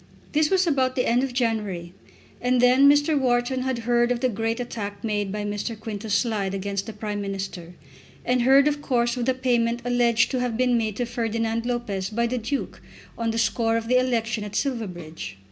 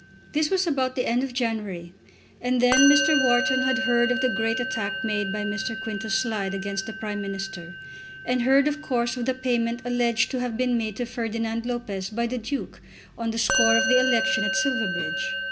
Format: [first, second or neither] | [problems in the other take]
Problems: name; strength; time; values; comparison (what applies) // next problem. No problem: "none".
first | background sound (Musical instrument); 5 dB below the speech